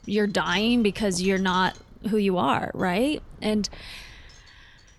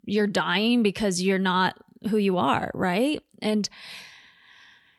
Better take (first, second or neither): second